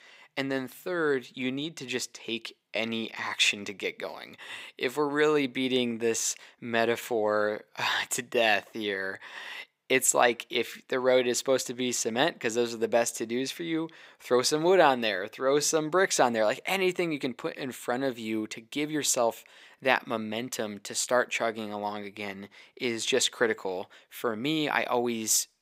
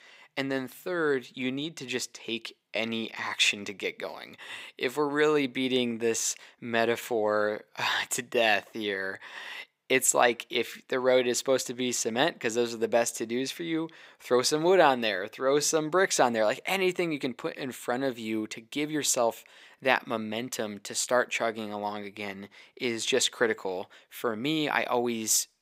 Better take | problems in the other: neither | thin; somewhat; fading below 400 Hz; the same in both

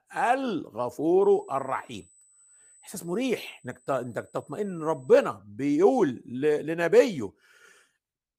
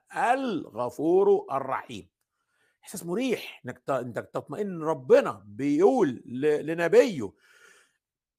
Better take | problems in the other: second | high-pitched whine; faint; from 1 to 5.5 s; 8 kHz, 30 dB below the speech

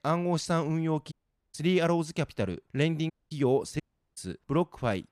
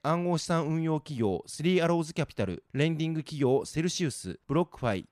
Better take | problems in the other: second | audio cutting out; at 1 s, at 3 s and at 4 s

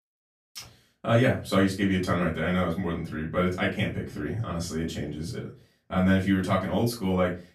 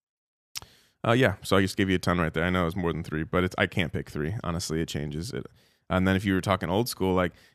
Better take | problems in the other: second | off-mic speech; far // room echo; slight; dies away in 0.2 s

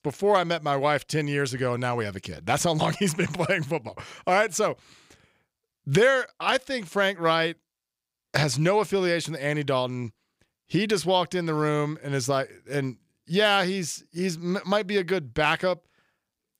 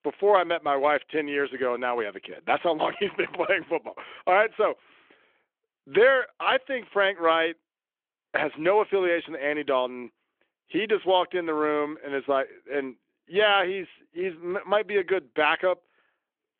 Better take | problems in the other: first | phone-call audio; nothing above 3.5 kHz

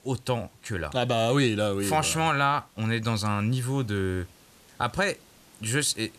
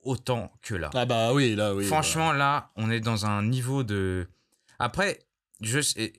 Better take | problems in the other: second | hiss; faint; throughout; 30 dB below the speech

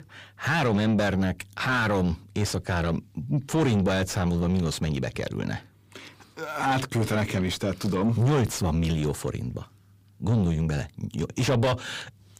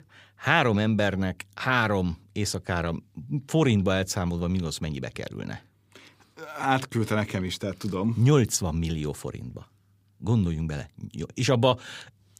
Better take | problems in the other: second | distortion; heavy; 6 dB below the speech

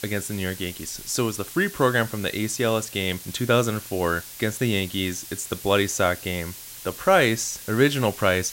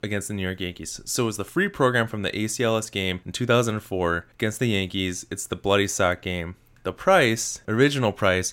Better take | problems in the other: second | hiss; noticeable; throughout; 15 dB below the speech

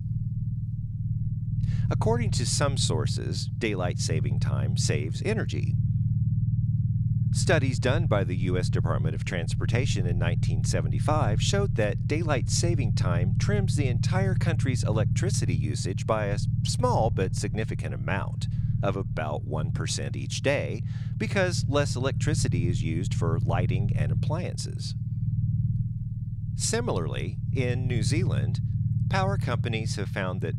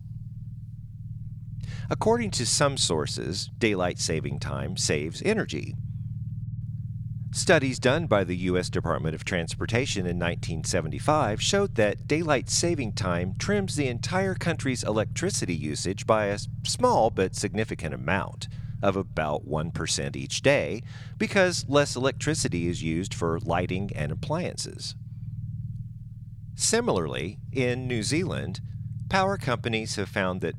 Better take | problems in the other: second | low rumble; loud; throughout; 9 dB below the speech; faint in the second

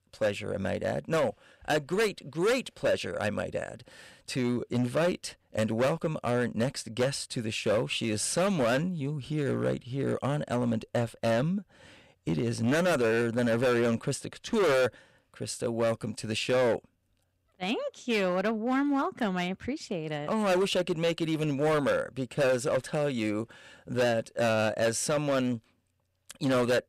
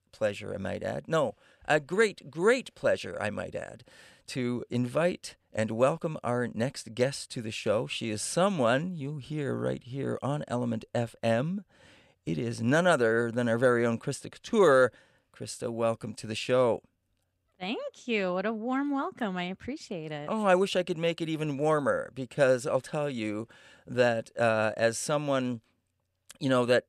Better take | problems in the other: second | distortion; heavy; 10% of the sound clipped

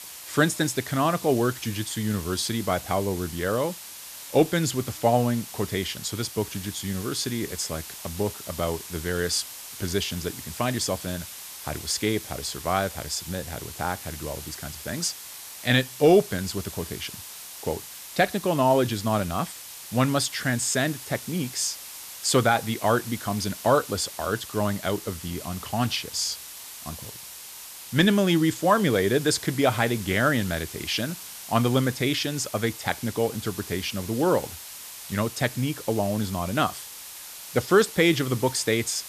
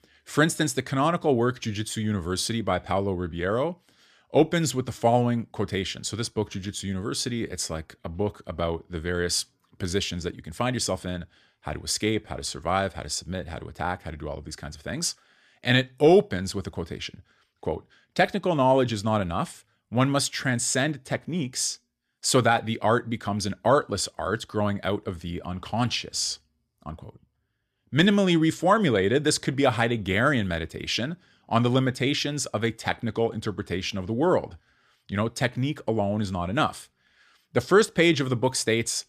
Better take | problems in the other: second | hiss; noticeable; throughout; 10 dB below the speech

